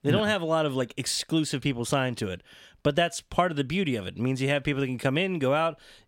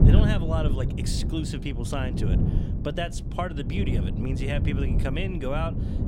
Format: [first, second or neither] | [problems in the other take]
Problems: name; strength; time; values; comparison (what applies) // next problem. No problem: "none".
first | wind noise on the microphone; heavy; 5 dB below the speech